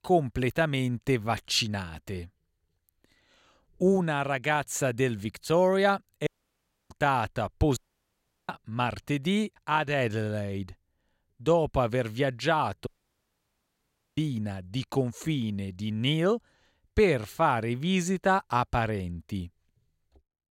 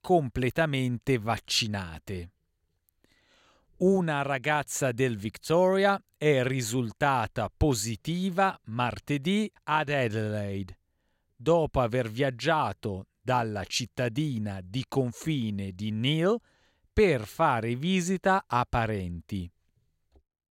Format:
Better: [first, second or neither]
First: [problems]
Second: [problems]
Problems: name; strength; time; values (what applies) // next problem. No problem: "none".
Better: second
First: audio cutting out; at 6.5 s for 0.5 s, at 8 s for 0.5 s and at 13 s for 1.5 s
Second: none